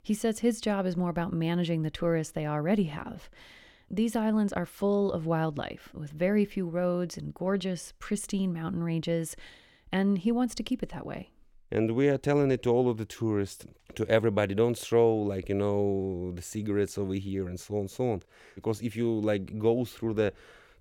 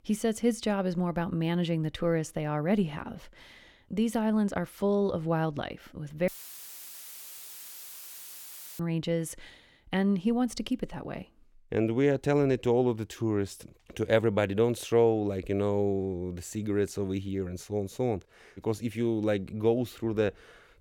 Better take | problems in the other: first | audio cutting out; filled with static; at 6.5 s for 2.5 s

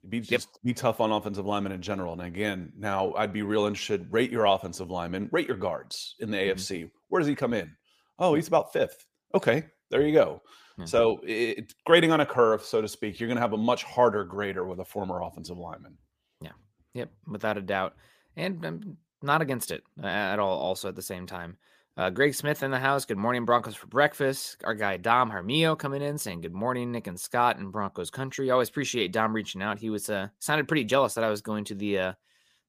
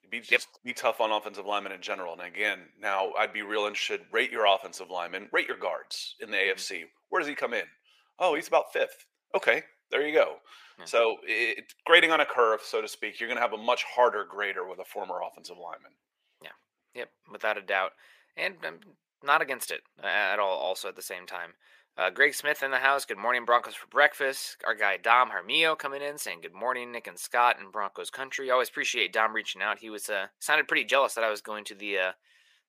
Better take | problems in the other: first | thin; very; fading below 550 Hz

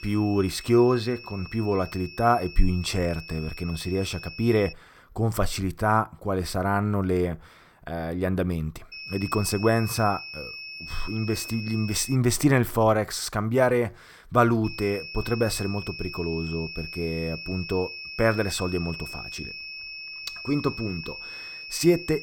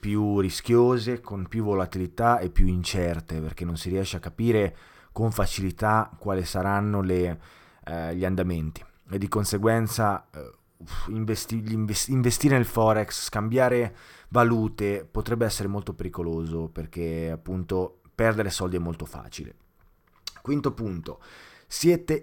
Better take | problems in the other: second | high-pitched whine; noticeable; until 4.5 s, from 9 to 12 s and from 15 s on; 2.5 kHz, 10 dB below the speech

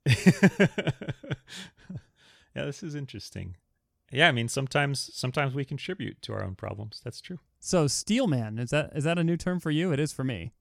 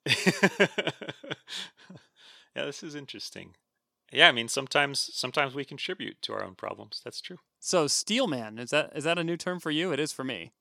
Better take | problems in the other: first | thin; somewhat; fading below 300 Hz

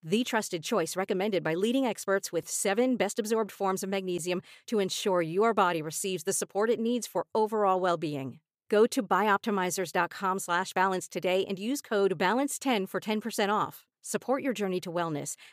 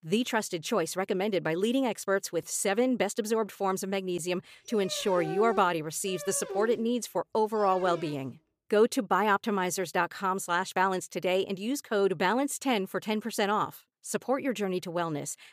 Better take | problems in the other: first | dog barking; noticeable; from 4.5 to 8 s; peak 6 dB below the speech

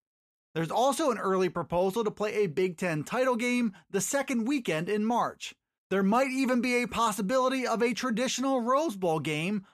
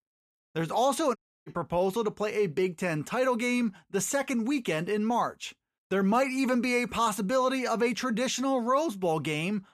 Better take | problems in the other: first | audio cutting out; at 1 s

